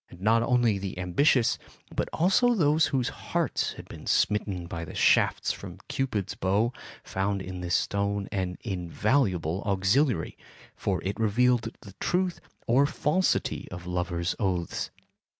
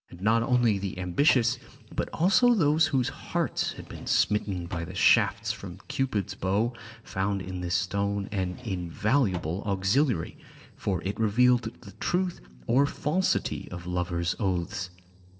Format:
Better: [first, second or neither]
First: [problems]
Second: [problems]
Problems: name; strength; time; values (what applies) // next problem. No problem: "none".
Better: first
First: none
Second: background sound (Drawer open or close); 19 dB below the speech // room echo; dies away in 0.6 s